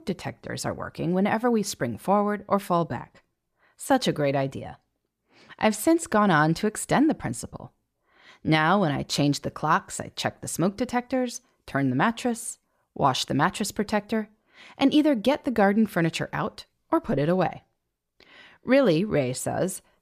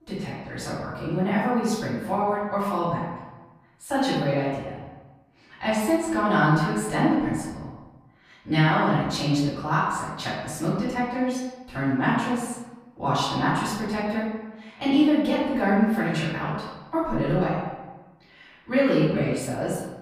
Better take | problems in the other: first | off-mic speech; far // room echo; noticeable; dies away in 1 s

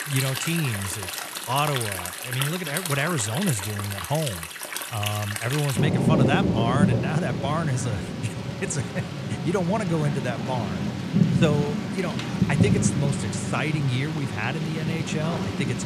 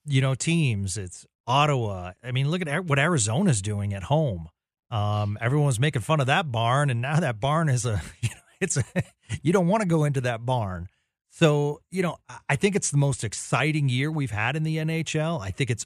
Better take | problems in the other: second | rain or running water; very loud; throughout; as loud as the speech

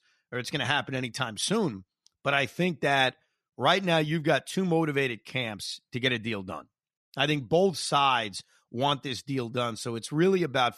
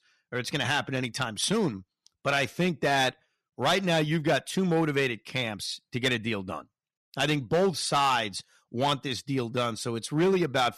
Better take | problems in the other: first | distortion; slight; 5% of the sound clipped

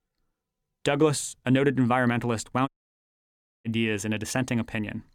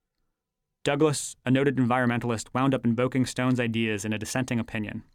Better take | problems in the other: second | audio cutting out; at 2.5 s for 1 s

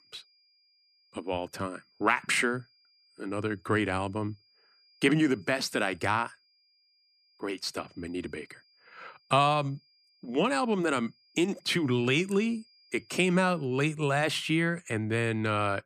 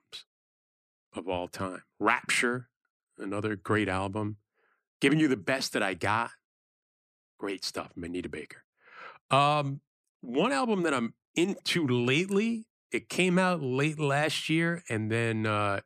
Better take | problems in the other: second | high-pitched whine; faint; until 14 s; 5 kHz, 35 dB below the speech

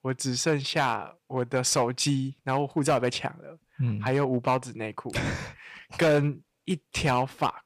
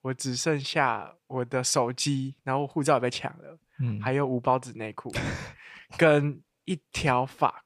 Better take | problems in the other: second | distortion; slight; 4% of the sound clipped

